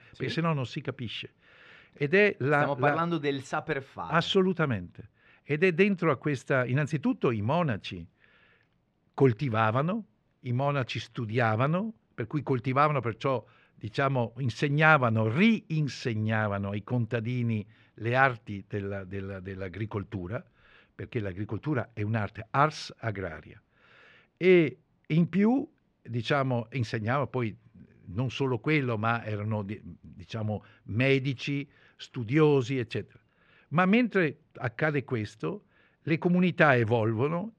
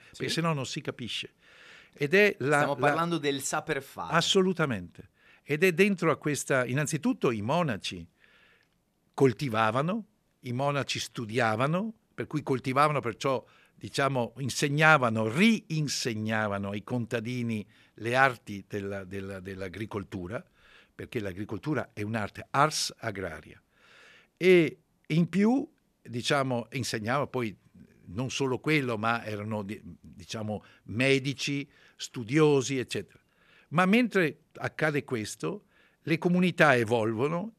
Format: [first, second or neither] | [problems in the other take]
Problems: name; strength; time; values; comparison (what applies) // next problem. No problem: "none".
second | muffled; slightly; fading above 3 kHz